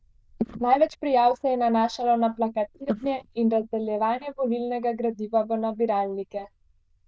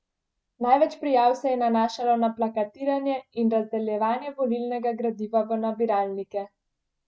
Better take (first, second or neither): second